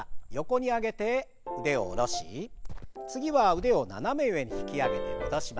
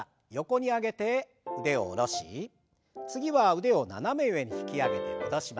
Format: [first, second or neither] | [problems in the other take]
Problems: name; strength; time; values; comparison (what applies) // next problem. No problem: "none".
second | background sound (Cricket); 8 dB below the speech